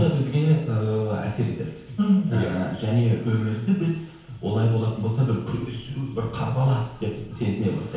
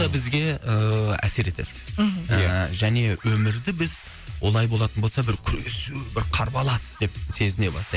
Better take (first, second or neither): second